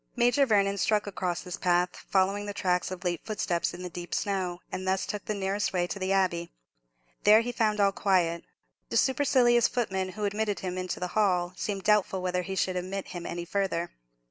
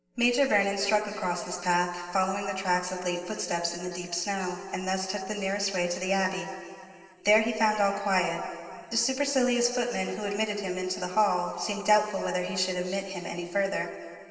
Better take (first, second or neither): first